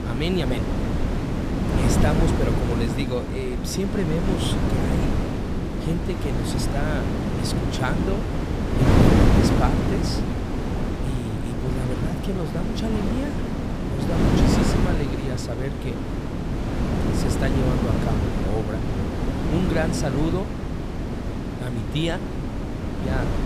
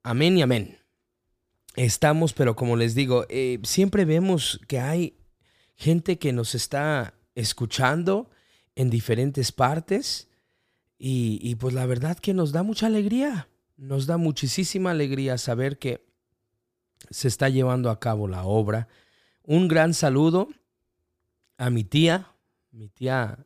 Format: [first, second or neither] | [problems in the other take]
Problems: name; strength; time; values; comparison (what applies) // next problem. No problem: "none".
second | wind noise on the microphone; heavy; 2 dB above the speech